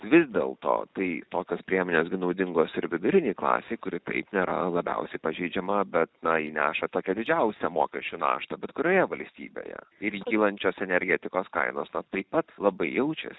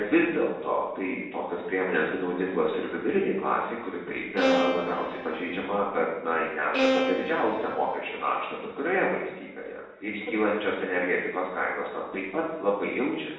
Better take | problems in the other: first | background sound (Bowed string instrument); 1 dB below the speech // room echo; dies away in 0.8 s

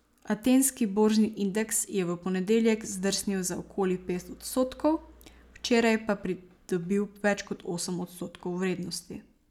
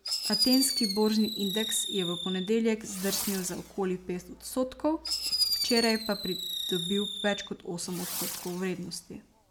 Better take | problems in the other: first | background sound (Fireworks); 3 dB below the speech

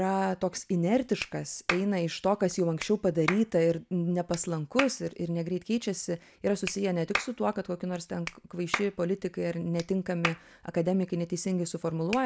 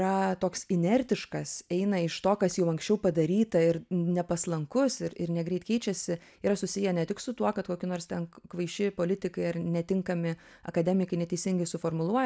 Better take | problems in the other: second | background sound (Clapping); 11 dB below the speech

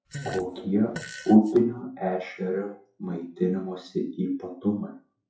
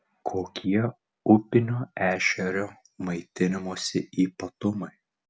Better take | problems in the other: second | noise reduction (classical method WPE with log-MMSE)

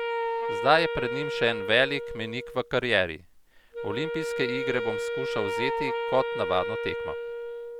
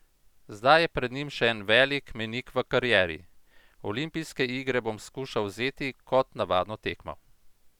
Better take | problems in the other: second | background sound (Wind instrument, woodwind instrument); 3 dB below the speech

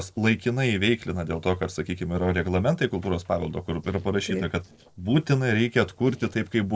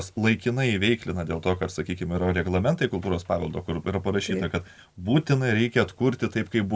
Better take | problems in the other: second | noise reduction (neural separator model SepFormer DNS4)

